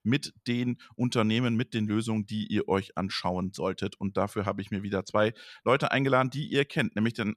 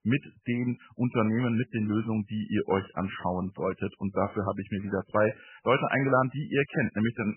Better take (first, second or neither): first